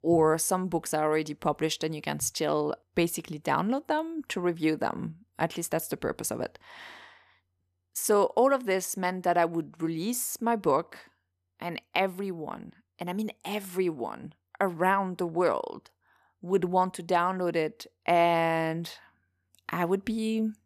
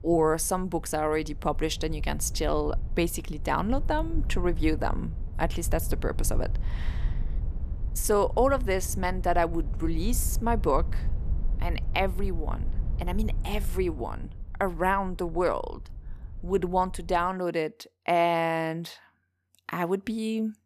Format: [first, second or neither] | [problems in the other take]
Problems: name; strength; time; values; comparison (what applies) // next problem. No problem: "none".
first | low rumble; faint; until 17 s; 25 dB below the speech